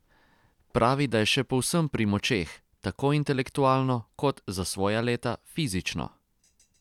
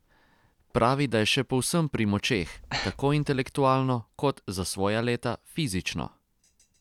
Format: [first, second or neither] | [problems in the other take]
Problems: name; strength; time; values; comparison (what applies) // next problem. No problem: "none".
first | background sound (Breathing); 11 dB below the speech